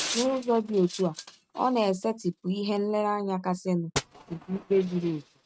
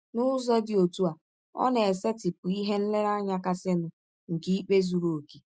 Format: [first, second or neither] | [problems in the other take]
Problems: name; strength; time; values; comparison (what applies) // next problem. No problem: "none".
second | noise reduction (neural mask model RNNoise)